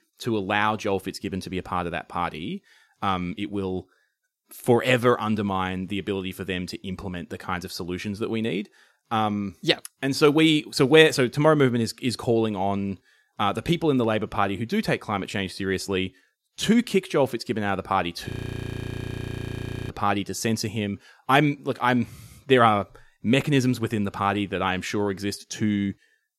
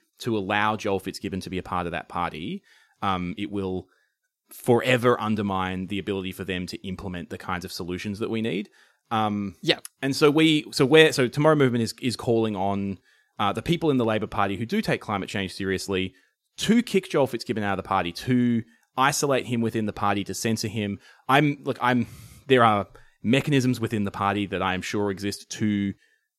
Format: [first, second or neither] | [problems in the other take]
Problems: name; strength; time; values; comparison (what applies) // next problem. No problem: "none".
second | audio freezing; at 18 s for 1.5 s